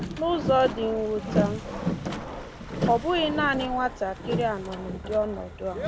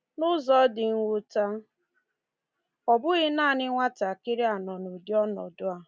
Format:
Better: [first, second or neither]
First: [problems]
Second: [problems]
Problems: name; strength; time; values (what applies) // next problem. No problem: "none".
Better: second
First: background sound (Boat, Water vehicle); 4 dB below the speech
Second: none